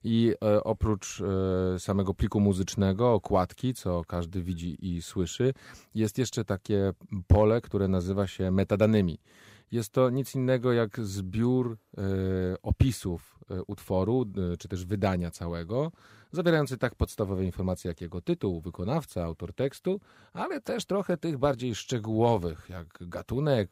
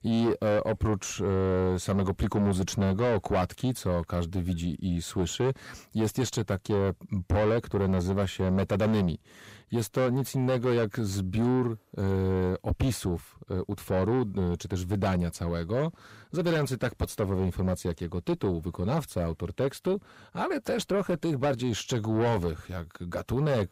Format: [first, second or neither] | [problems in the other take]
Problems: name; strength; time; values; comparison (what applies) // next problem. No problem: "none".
first | distortion; heavy; 7 dB below the speech